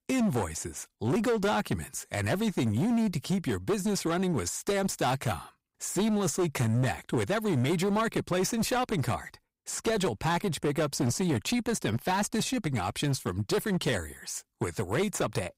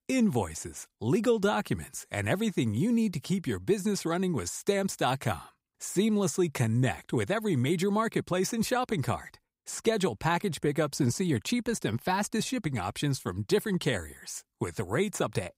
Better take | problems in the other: second | distortion; slight; 15% of the sound clipped

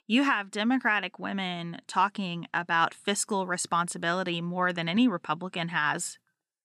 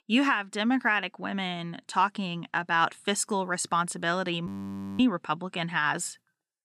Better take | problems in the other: first | audio freezing; at 4.5 s for 0.5 s

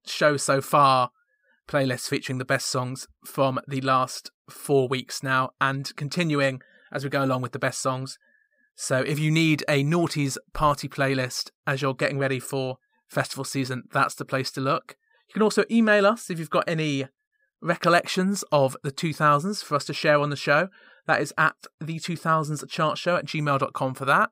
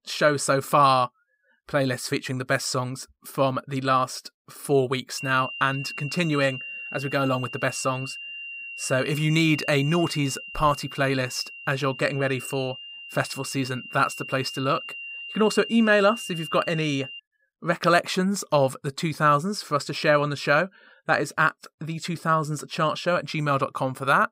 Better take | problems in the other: first | high-pitched whine; noticeable; from 5 to 17 s; 3 kHz, 10 dB below the speech

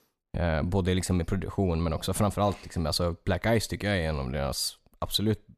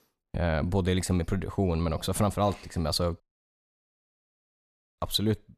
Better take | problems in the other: first | audio cutting out; at 3 s for 2 s

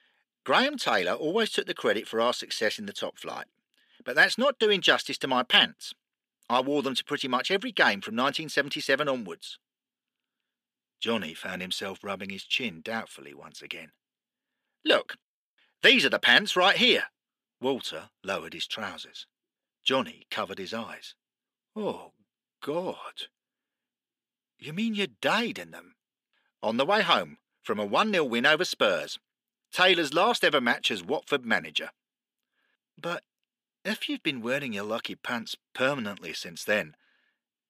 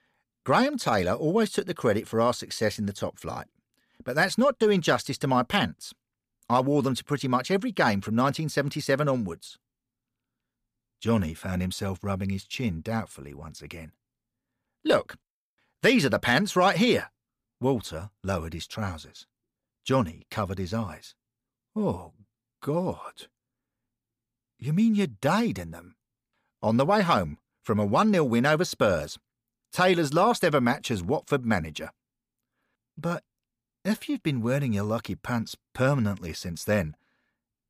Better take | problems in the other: second | thin; very slightly; fading below 300 Hz

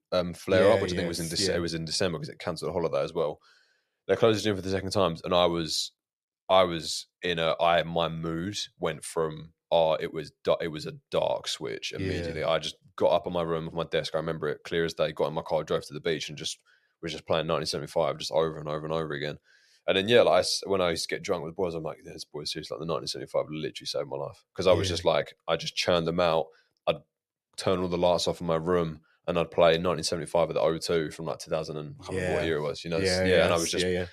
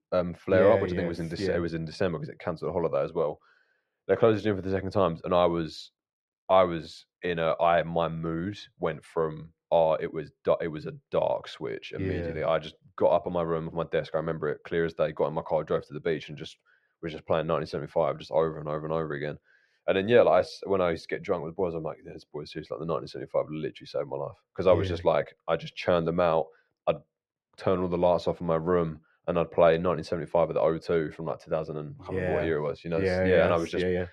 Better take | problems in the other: first | muffled; very; fading above 3.5 kHz

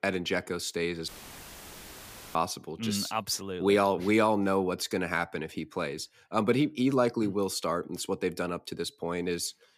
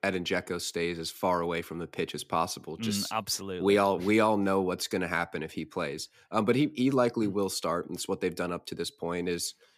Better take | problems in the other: second | audio cutting out; filled with static; at 1 s for 1.5 s

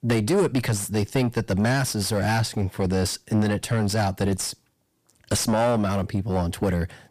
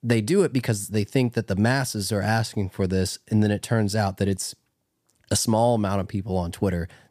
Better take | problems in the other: second | distortion; heavy; 6 dB below the speech

